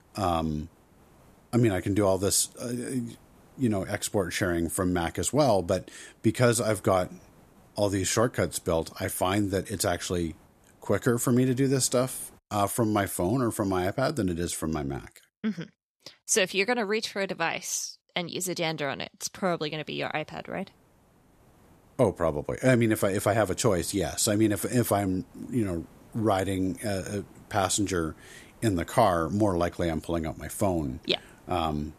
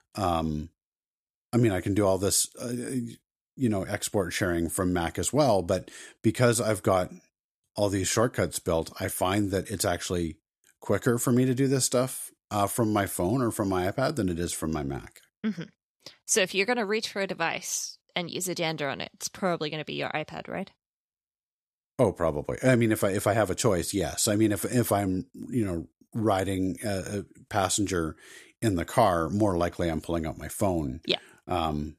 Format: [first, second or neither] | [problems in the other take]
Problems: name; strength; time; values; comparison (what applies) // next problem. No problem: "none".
second | hiss; faint; until 12 s and from 20 s on; 30 dB below the speech